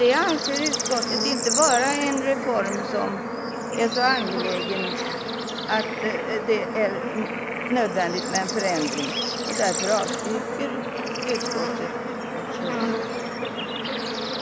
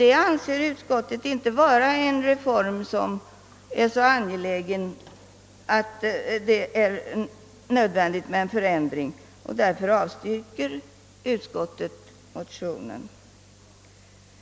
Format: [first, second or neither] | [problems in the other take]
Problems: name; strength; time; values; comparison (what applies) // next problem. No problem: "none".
second | background sound (Bird / Insect / Frog); 1 dB below the speech